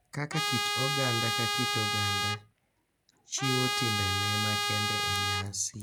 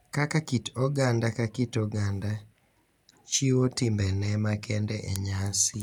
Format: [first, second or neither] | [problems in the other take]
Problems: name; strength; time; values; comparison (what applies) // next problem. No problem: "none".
second | background sound (Trumpet); 4 dB above the speech